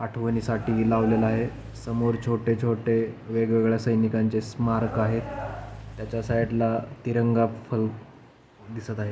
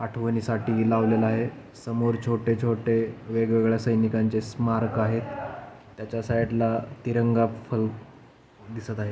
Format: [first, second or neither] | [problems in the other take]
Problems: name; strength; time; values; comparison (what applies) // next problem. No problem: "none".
second | background sound (Engine / Car); 18 dB below the speech